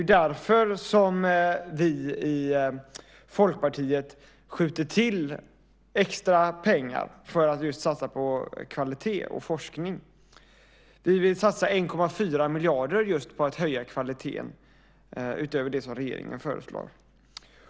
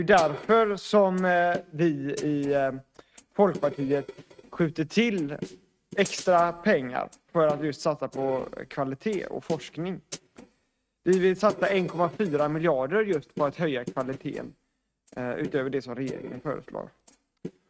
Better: first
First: none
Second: noise reduction (neural mask model RNNoise)

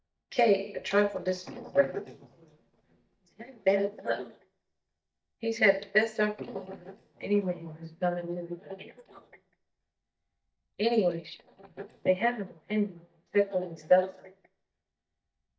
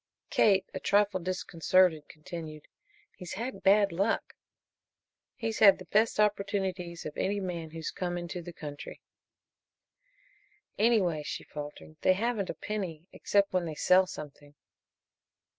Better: second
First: noise reduction (neural mask model DeepFilterNet 3)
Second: none

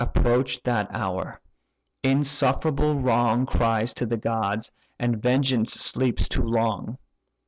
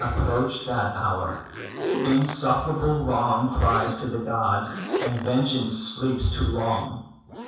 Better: first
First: none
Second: background sound (Zipper (clothing)); 10 dB below the speech // room echo; dies away in 0.7 s

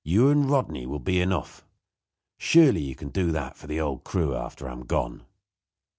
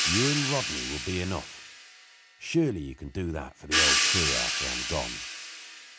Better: first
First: none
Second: background sound (Crash cymbal / Hi-hat); 2 dB above the speech

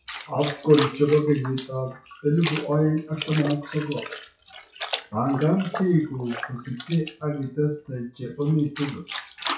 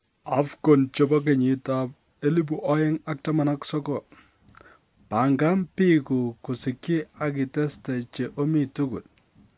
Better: second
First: noise reduction (classical method WPE with log-MMSE)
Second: none

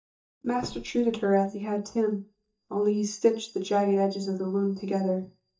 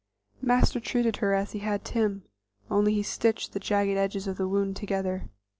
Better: second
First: noise reduction (neural mask model DeepFilterNet 3)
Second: none

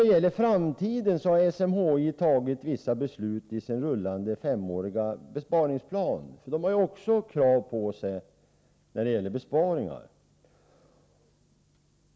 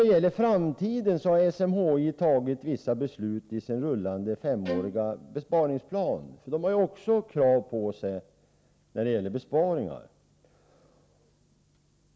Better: first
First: none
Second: background sound (Bowed string instrument); 11 dB below the speech

